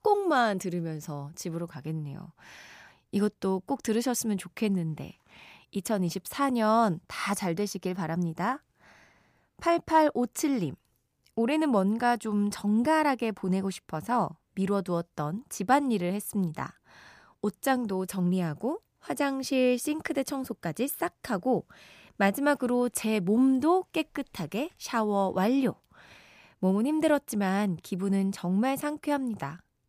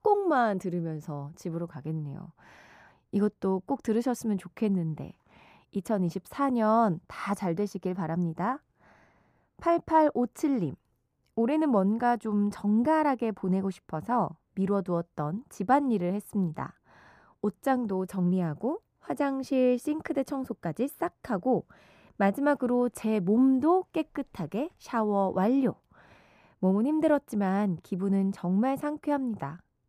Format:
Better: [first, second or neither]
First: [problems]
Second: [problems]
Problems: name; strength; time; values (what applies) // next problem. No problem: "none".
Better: first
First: none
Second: muffled; slightly; fading above 2 kHz